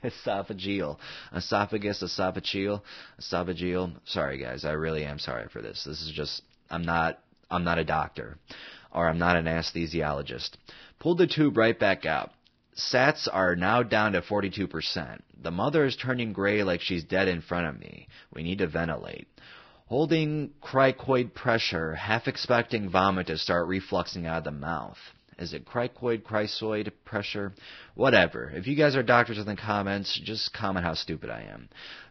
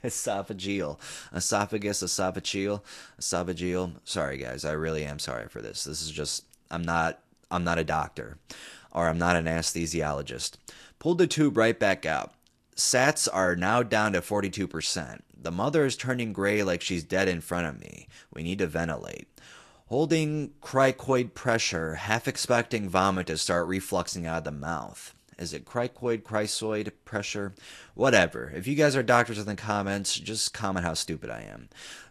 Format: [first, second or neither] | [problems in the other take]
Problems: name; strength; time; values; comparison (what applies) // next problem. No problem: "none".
second | garbled, watery; badly; nothing above 5.5 kHz; slightly in the second